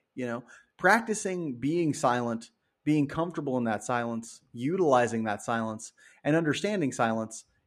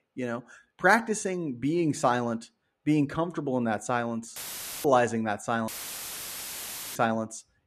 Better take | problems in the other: first | audio cutting out; filled with static; at 4.5 s and at 5.5 s for 1.5 s

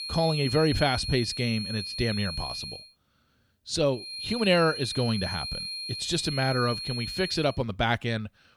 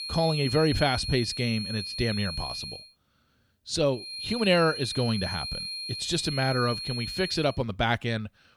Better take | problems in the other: neither | high-pitched whine; loud; until 3 s and from 4 to 7.5 s; 4.5 kHz, 6 dB below the speech; the same in both

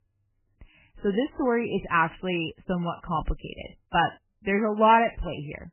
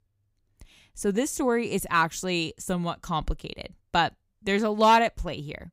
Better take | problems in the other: second | garbled, watery; badly; nothing above 3 kHz

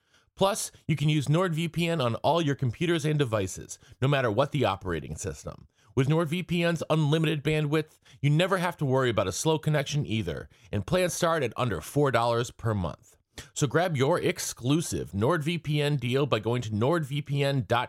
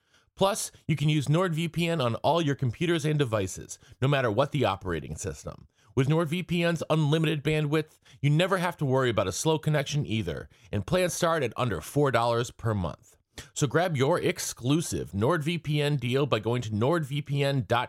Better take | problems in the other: neither | none

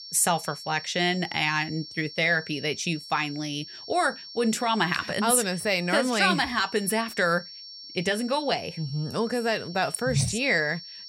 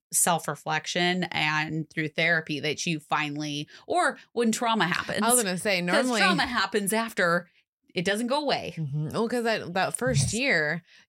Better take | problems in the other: second | high-pitched whine; noticeable; throughout; 5.5 kHz, 15 dB below the speech

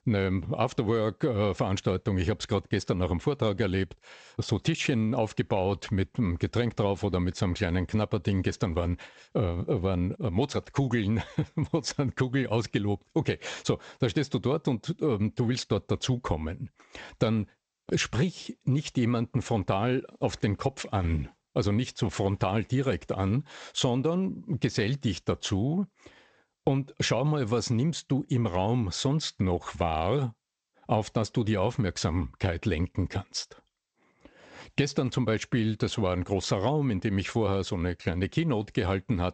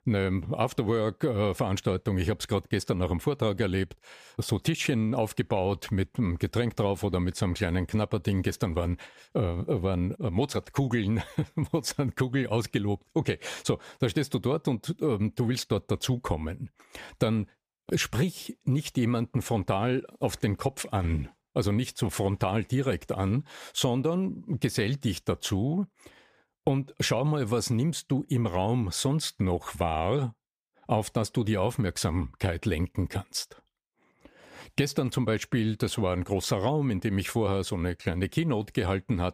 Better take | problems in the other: second | garbled, watery; slightly; nothing above 8 kHz

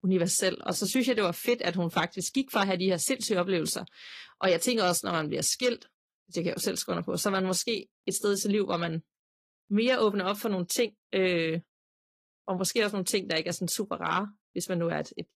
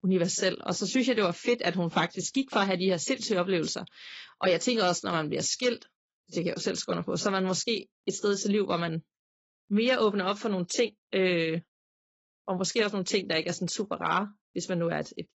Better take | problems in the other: first | garbled, watery; badly; nothing above 7.5 kHz; slightly in the first

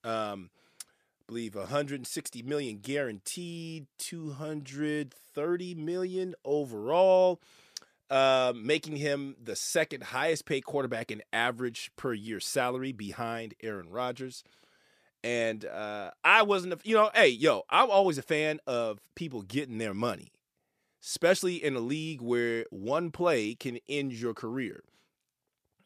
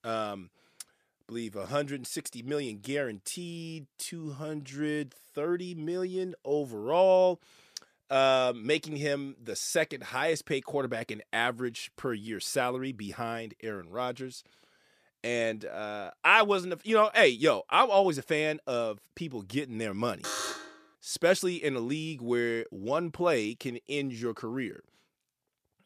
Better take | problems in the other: first | alarm; noticeable; at 20 s; peak 4 dB below the speech

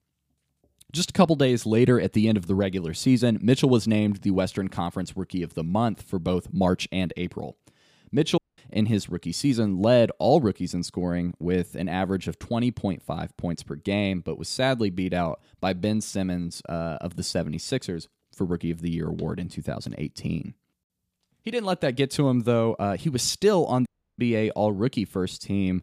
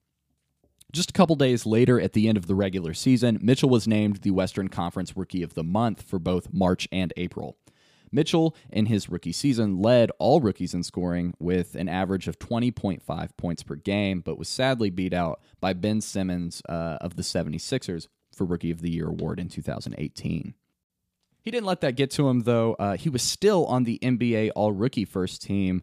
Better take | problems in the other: second | audio cutting out; at 8.5 s and at 24 s

